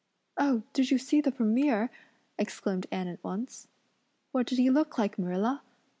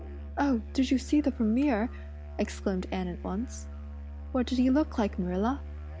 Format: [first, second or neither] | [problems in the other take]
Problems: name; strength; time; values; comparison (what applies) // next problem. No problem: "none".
first | background sound (Musical instrument); 10 dB below the speech